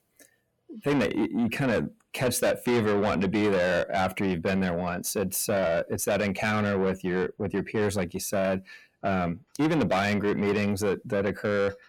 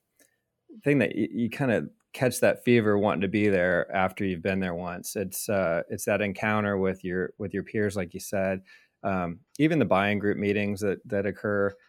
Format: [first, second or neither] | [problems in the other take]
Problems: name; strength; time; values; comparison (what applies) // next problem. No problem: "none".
second | distortion; heavy; 7 dB below the speech